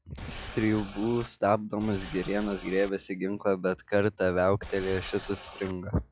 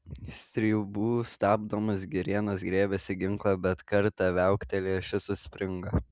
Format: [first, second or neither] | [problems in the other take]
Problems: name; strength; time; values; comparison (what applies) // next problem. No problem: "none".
second | noise reduction (classical method log-MMSE)